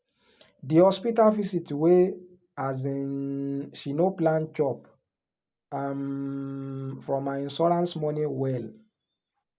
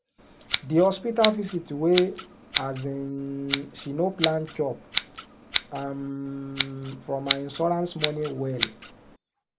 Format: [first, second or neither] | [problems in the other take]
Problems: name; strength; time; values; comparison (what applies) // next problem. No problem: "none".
first | background sound (Scissors); 5 dB below the speech